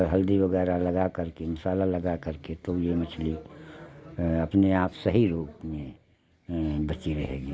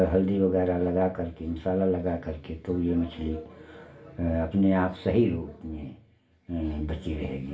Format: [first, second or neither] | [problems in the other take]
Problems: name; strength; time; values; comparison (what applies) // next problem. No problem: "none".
first | room echo; dies away in 0.3 s